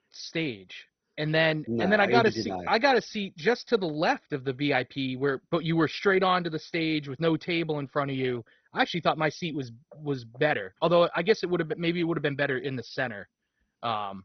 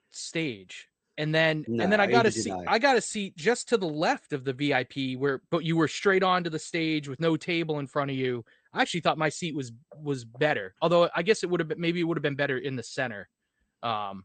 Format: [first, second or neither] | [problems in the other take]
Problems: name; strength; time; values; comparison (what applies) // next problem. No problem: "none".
second | garbled, watery; badly; nothing above 6 kHz; slightly in the second